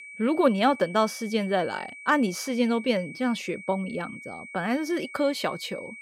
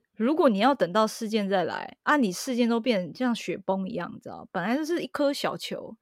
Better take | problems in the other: second | high-pitched whine; noticeable; throughout; 2.5 kHz, 15 dB below the speech

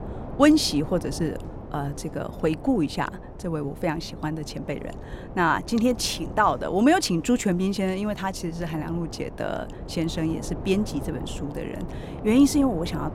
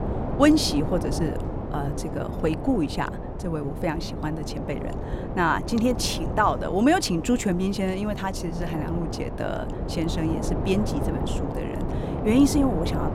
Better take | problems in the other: first | wind noise on the microphone; heavy; 8 dB below the speech; occasional gusts in the first

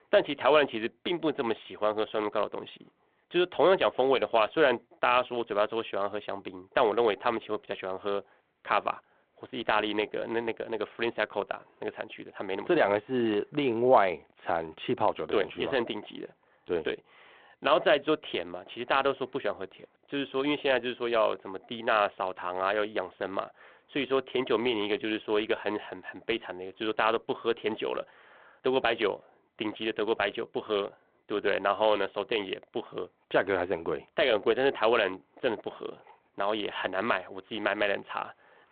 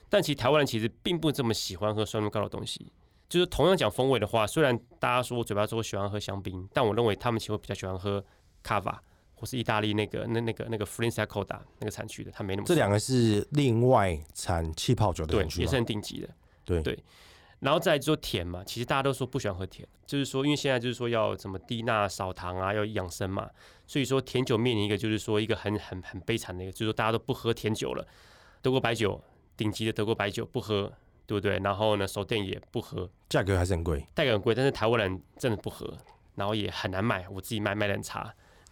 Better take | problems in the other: second | phone-call audio

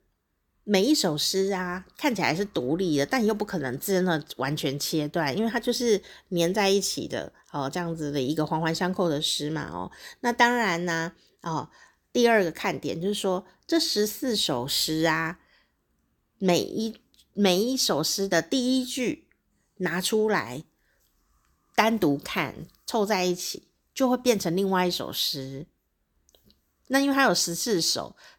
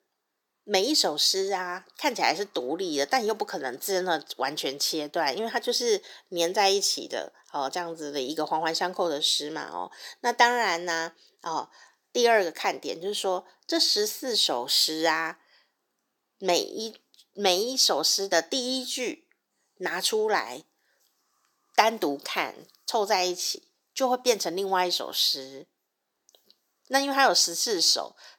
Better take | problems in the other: first | thin; somewhat; fading below 450 Hz

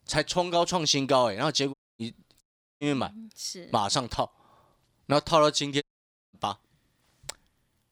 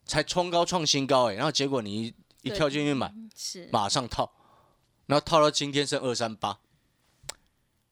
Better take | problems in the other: second | audio cutting out; at 1.5 s, at 2.5 s and at 6 s for 0.5 s

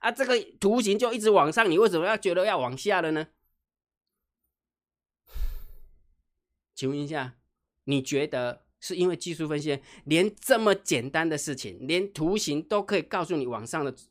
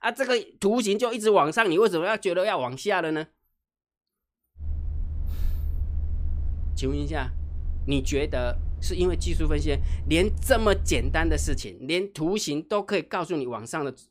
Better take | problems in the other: first | low rumble; faint; from 4.5 to 12 s; 25 dB below the speech

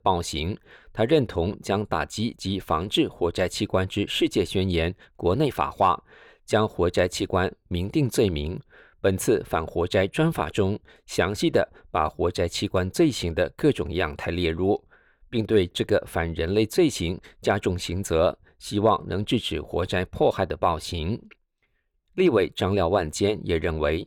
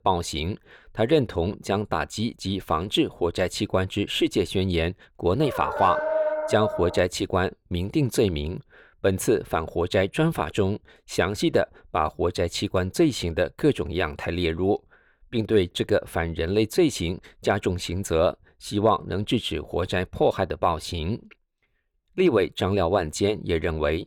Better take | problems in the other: first | dog barking; loud; from 5.5 to 7 s; peak level with the speech

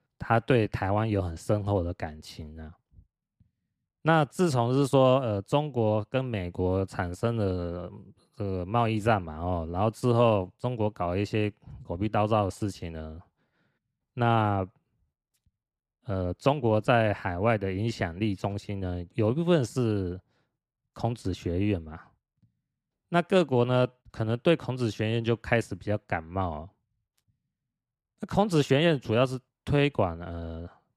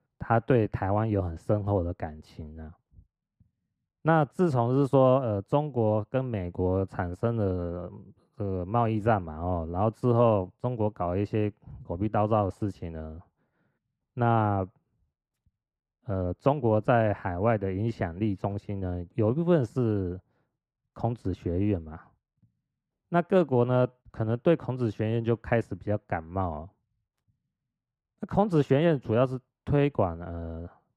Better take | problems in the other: first | muffled; slightly; fading above 2 kHz

